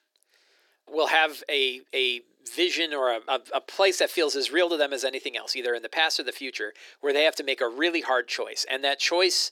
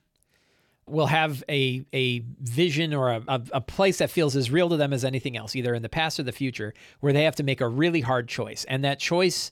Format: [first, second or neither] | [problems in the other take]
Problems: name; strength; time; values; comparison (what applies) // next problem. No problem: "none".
second | thin; very; fading below 350 Hz